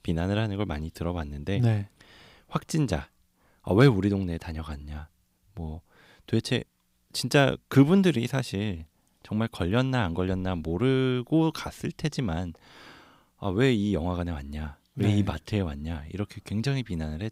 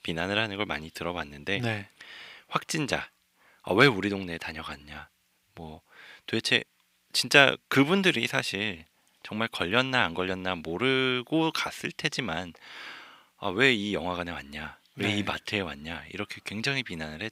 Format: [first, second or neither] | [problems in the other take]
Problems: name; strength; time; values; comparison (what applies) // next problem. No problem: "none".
first | thin; somewhat; fading below 900 Hz